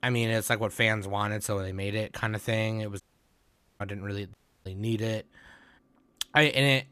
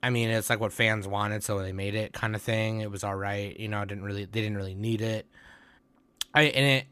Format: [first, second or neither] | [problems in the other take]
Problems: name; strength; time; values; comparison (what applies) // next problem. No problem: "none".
second | audio cutting out; at 3 s for 1 s and at 4.5 s